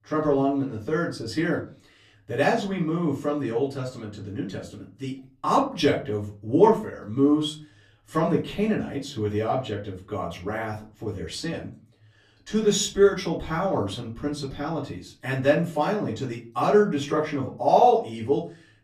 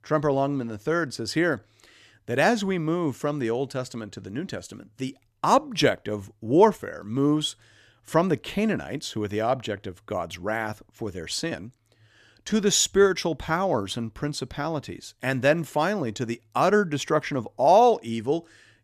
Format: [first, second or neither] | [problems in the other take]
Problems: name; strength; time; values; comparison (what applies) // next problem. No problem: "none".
second | off-mic speech; far // room echo; slight; dies away in 0.3 s